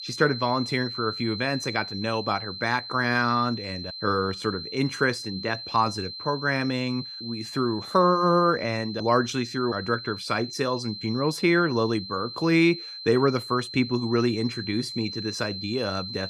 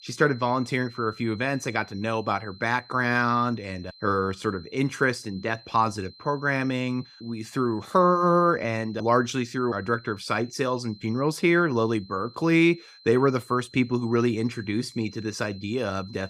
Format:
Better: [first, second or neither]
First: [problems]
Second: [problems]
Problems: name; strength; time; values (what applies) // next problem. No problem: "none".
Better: second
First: high-pitched whine; loud; throughout; 4 kHz, 9 dB below the speech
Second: high-pitched whine; faint; throughout; 4 kHz, 25 dB below the speech